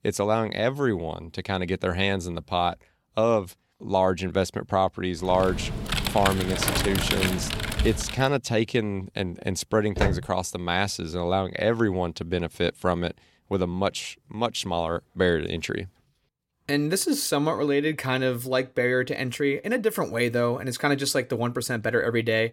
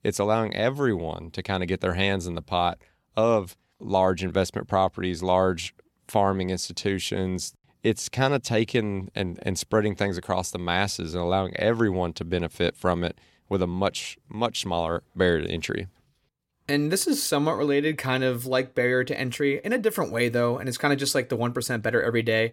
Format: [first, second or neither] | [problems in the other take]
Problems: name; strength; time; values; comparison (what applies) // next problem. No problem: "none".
second | keyboard typing; loud; from 5.5 to 8.5 s; peak 1 dB above the speech // footsteps; noticeable; at 10 s; peak 2 dB below the speech